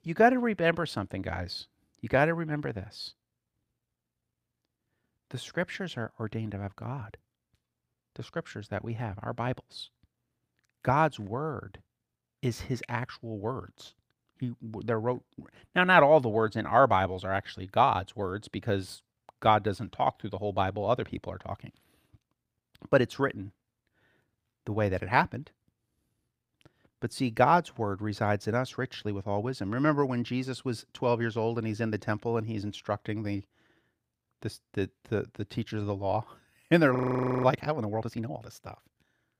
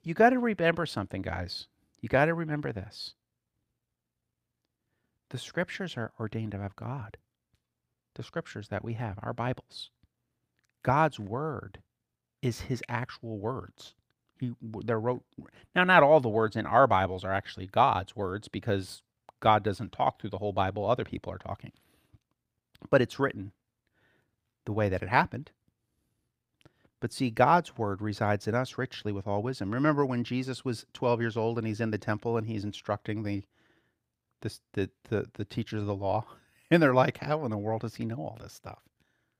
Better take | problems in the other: second | audio freezing; at 37 s

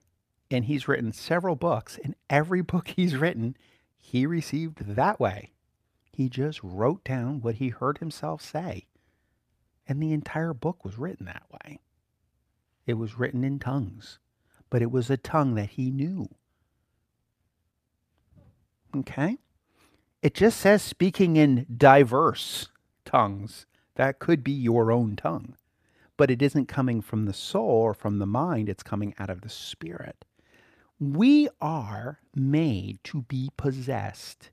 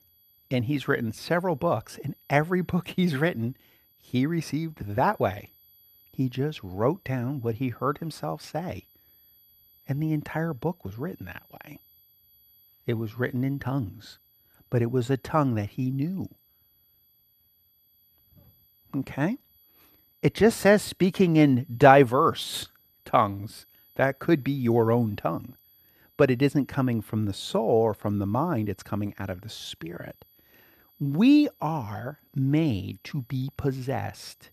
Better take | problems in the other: first | high-pitched whine; faint; throughout; 12 kHz, 30 dB below the speech

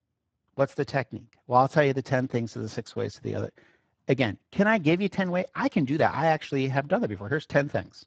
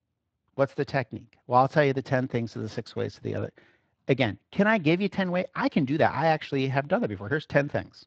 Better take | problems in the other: second | garbled, watery; badly; nothing above 7.5 kHz; slightly in the second

